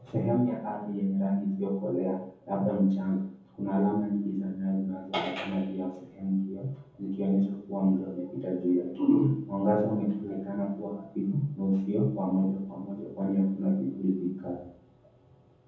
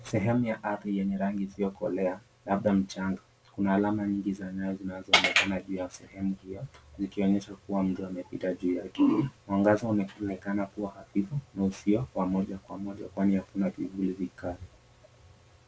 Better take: second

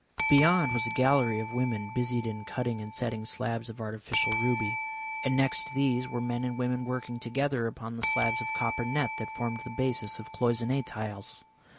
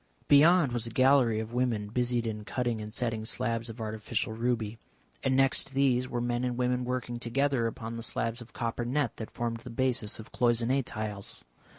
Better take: second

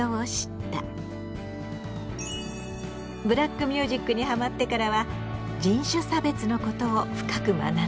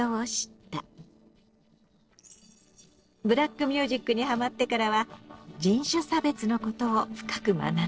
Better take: first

